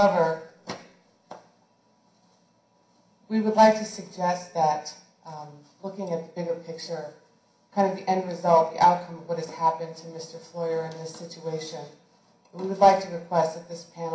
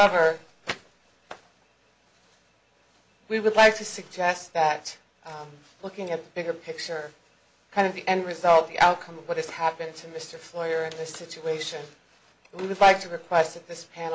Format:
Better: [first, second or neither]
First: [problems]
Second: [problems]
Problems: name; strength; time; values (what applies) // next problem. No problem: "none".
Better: second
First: room echo; dies away in 0.5 s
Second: none